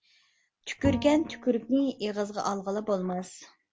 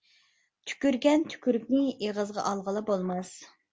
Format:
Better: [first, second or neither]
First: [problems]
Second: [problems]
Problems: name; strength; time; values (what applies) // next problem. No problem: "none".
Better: second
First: background sound (Bowed string instrument); 11 dB below the speech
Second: none